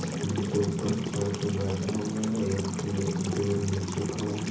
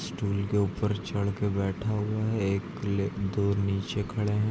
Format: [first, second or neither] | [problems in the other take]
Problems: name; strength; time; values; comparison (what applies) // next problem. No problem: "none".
second | background sound (Sink (filling or washing) / Water tap, faucet); 9 dB below the speech // room echo; dies away in 0.6 s